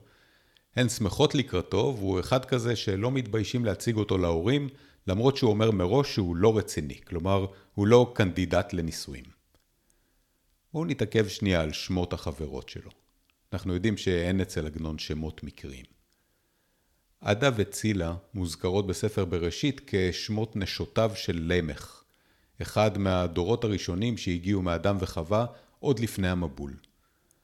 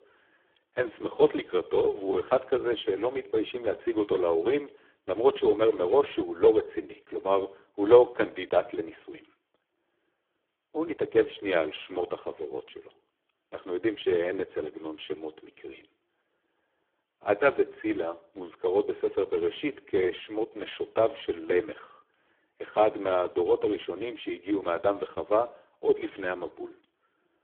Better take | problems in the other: first | phone-call audio; poor line

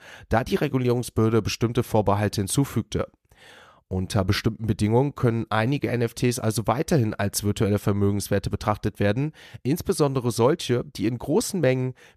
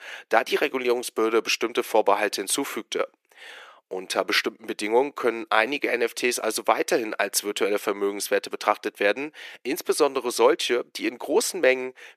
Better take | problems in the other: first | thin; very; fading below 350 Hz

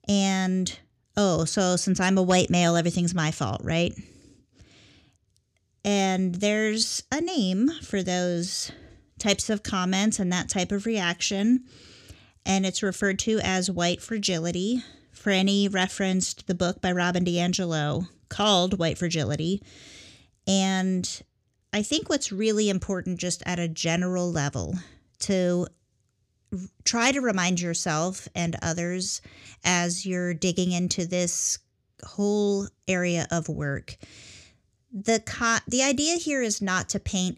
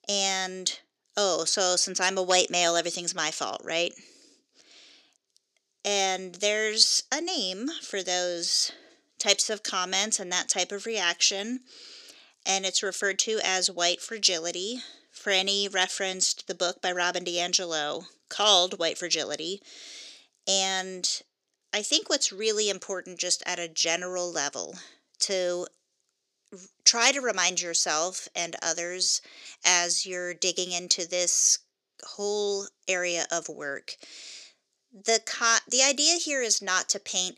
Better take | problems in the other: first | thin; very; fading below 400 Hz

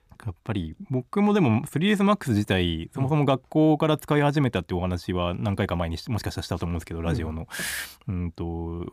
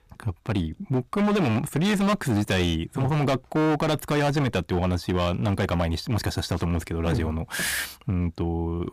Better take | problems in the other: first | distortion; heavy; 19% of the sound clipped

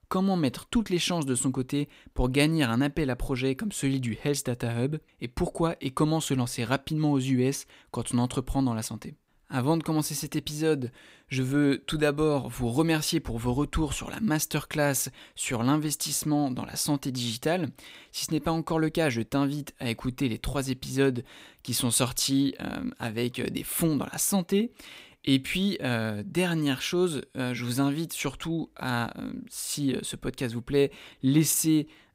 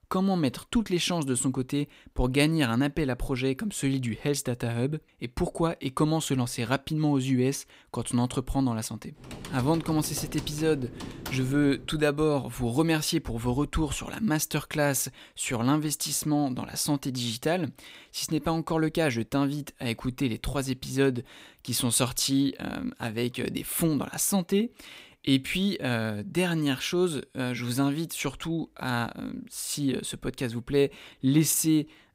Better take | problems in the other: first | keyboard typing; faint; from 9 to 12 s; peak 10 dB below the speech

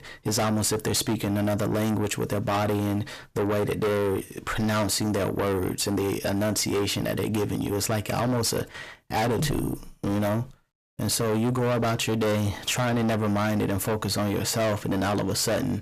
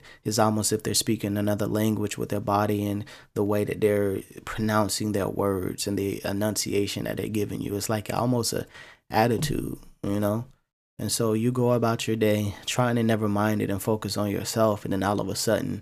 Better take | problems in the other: second | distortion; heavy; 6 dB below the speech

